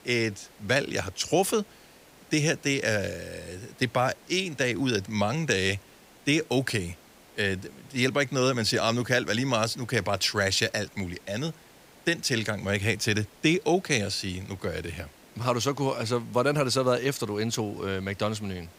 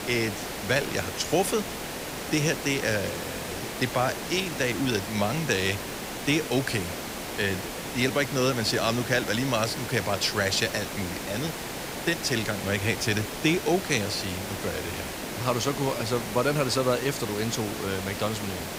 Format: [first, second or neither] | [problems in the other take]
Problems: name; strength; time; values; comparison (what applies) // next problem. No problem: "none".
first | hiss; loud; throughout; 6 dB below the speech; faint in the first